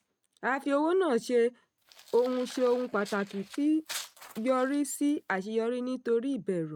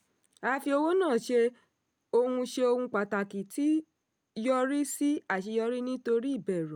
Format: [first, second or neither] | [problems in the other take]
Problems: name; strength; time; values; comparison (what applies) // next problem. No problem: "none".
second | noise reduction (neural mask model RNNoise)